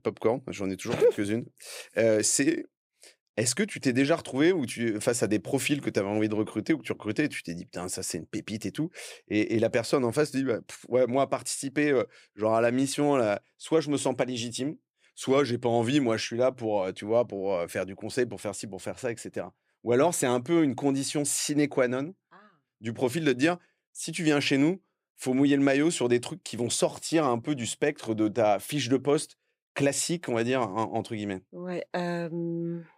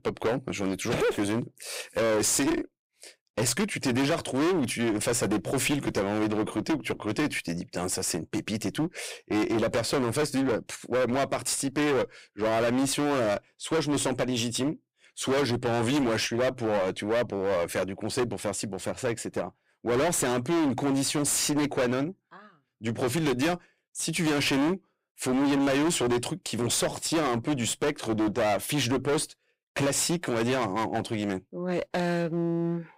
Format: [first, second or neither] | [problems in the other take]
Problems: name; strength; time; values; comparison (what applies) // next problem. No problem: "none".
first | distortion; heavy; 21% of the sound clipped